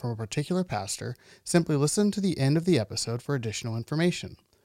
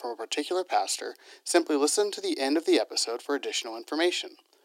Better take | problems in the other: first | thin; somewhat; fading below 300 Hz

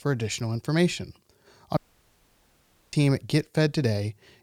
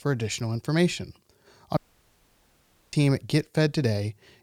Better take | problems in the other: neither | audio cutting out; at 2 s for 1 s; the same in both

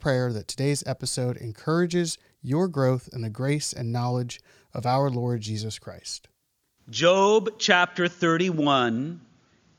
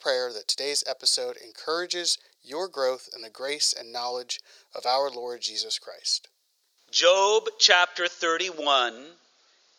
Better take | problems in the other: first | thin; very; fading below 500 Hz

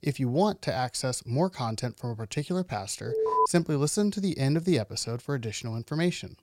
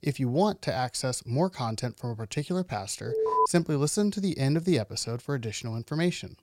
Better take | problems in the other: neither | alarm; loud; at 3 s; peak 4 dB above the speech; the same in both

